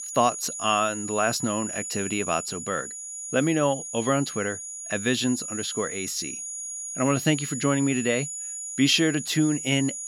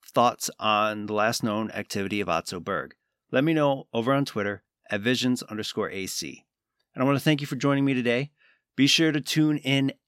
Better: second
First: high-pitched whine; loud; throughout; 7 kHz, 6 dB below the speech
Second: none

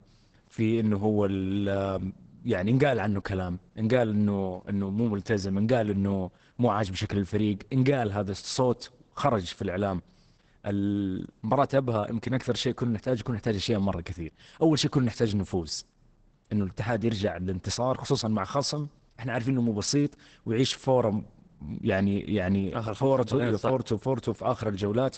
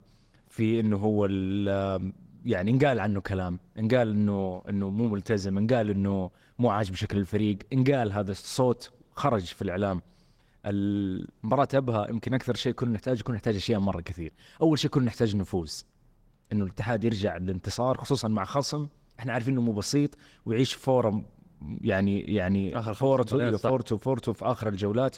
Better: second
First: garbled, watery; badly; nothing above 8 kHz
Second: garbled, watery; slightly; nothing above 16 kHz

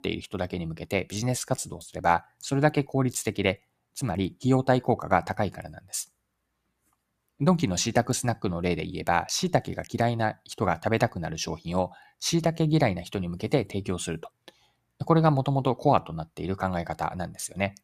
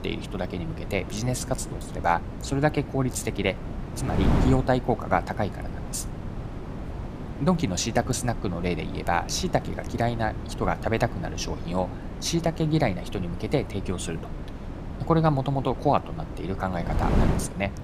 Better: first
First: none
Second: wind noise on the microphone; occasional gusts; 10 dB below the speech

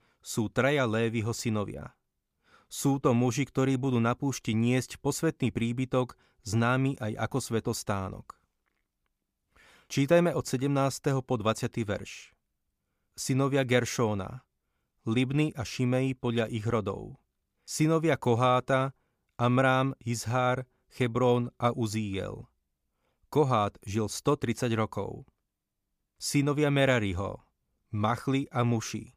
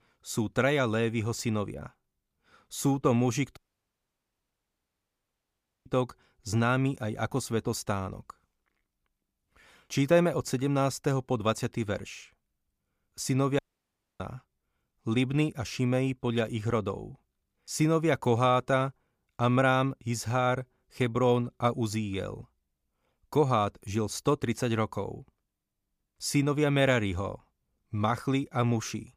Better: first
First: none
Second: audio cutting out; at 3.5 s for 2.5 s and at 14 s for 0.5 s

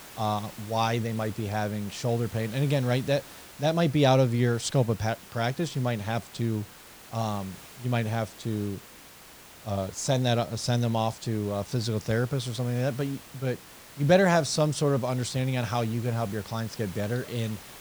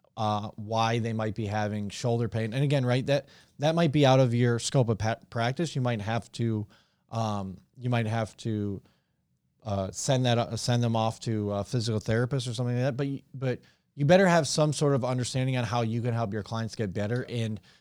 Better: second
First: hiss; noticeable; throughout; 20 dB below the speech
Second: none

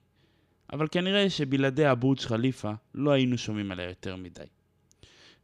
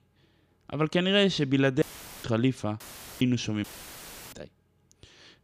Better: first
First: none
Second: audio cutting out; filled with static; at 2 s, at 3 s and at 3.5 s for 0.5 s

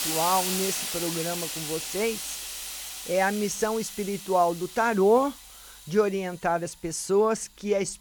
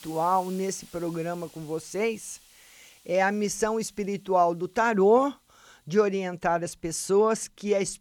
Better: second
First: hiss; loud; throughout; 5 dB below the speech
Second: hiss; faint; throughout; 25 dB below the speech

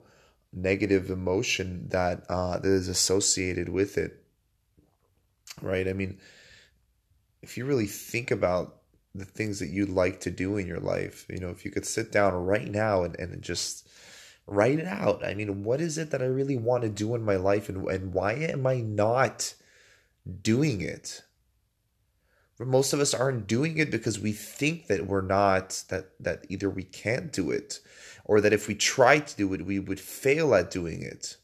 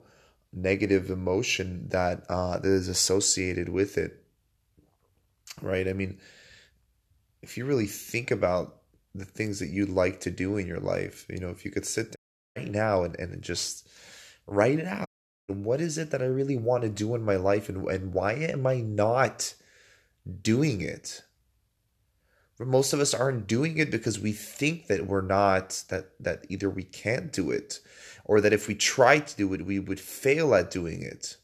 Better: first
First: none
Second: audio cutting out; at 12 s and at 15 s

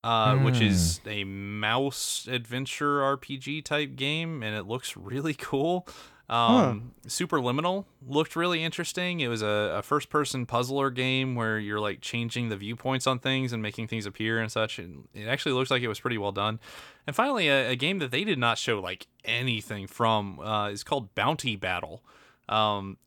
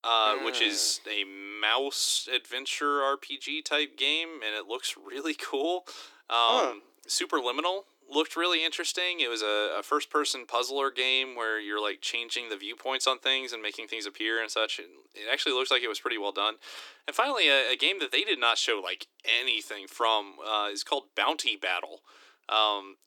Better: first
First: none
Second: thin; very; fading below 300 Hz

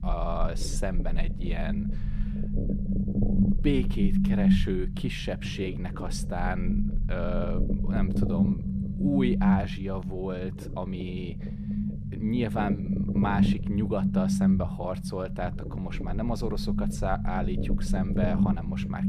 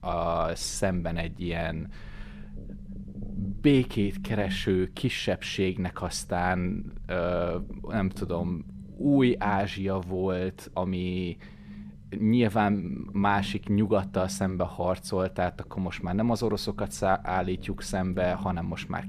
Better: second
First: low rumble; loud; throughout; 3 dB below the speech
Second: low rumble; faint; throughout; 20 dB below the speech

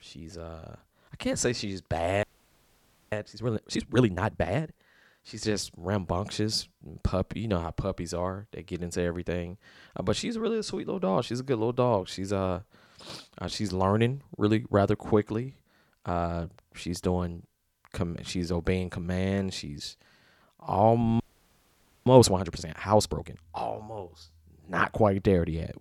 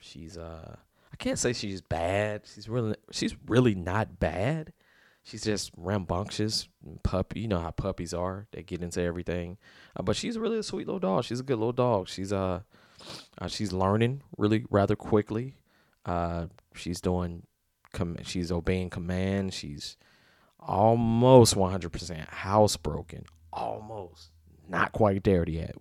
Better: second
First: audio freezing; at 2 s for 1 s and at 21 s for 1 s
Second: none

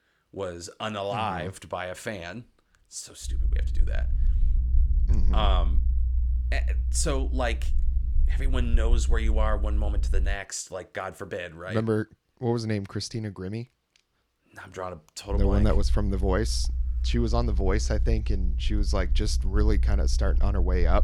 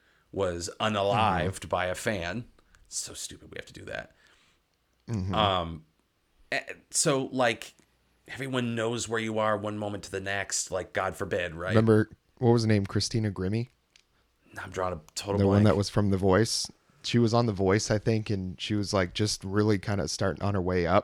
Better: second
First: low rumble; noticeable; from 3.5 to 10 s and from 15 s on; 15 dB below the speech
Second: none

